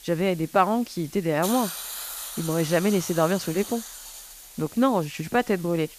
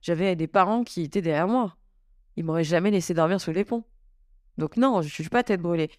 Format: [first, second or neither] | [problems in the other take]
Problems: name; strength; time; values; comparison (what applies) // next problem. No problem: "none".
second | hiss; noticeable; throughout; 10 dB below the speech